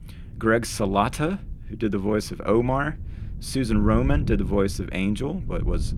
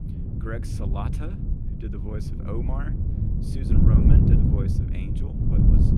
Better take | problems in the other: first | wind noise on the microphone; heavy; 4 dB above the speech; occasional gusts in the first

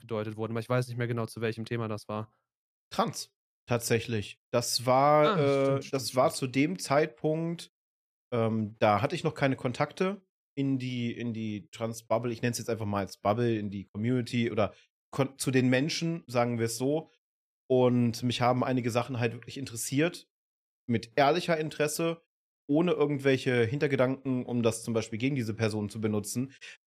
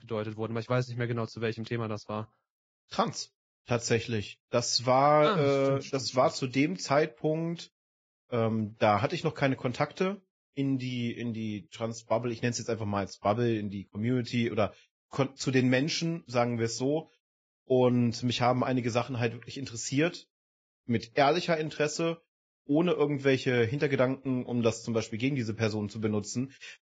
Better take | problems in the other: first | garbled, watery; badly; nothing above 7.5 kHz

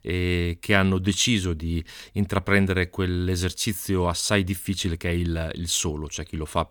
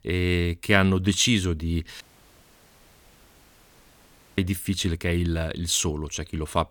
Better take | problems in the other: first | audio cutting out; at 2 s for 2.5 s

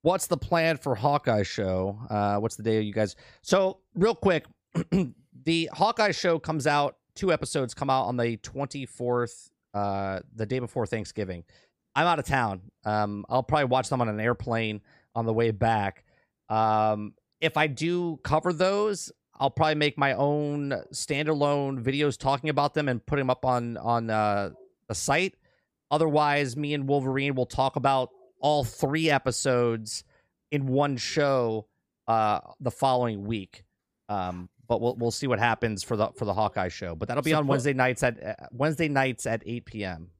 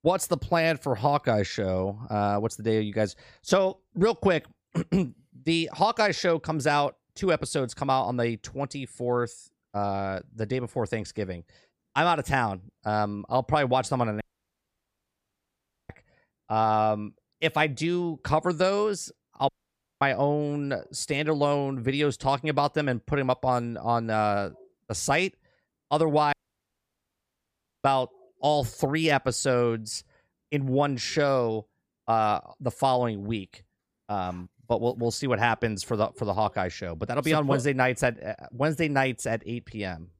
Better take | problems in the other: first | audio cutting out; at 14 s for 1.5 s, at 19 s for 0.5 s and at 26 s for 1.5 s

